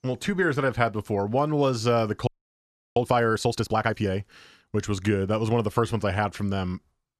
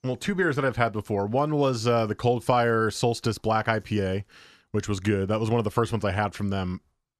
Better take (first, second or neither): second